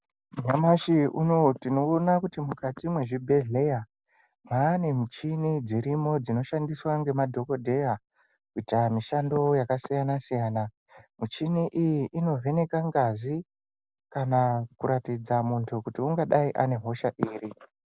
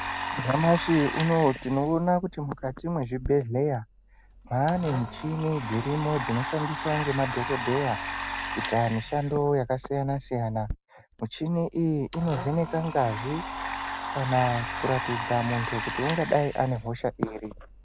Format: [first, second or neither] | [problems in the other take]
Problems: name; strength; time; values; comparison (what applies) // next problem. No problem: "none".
first | background sound (Domestic sounds, home sounds); 8 dB below the speech